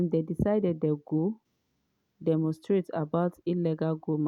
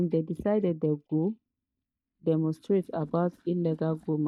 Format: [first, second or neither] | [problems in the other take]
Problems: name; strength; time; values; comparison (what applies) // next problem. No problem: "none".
first | noise reduction (neural mask model DeepFilterNet 3)